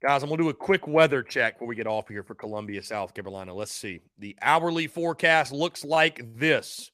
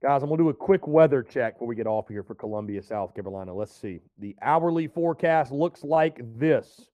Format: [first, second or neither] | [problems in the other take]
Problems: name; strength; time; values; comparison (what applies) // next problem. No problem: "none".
first | muffled; very; fading above 1.5 kHz